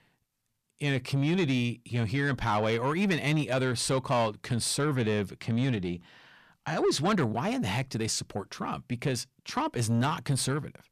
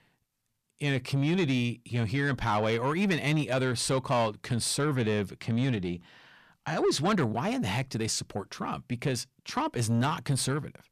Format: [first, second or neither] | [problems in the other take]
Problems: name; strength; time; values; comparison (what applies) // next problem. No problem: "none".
neither | distortion; slight; 10 dB below the speech; the same in both